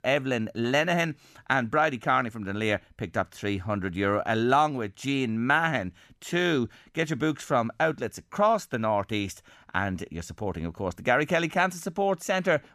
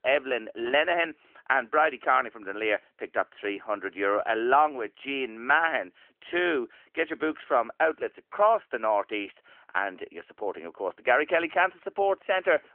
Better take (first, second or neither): first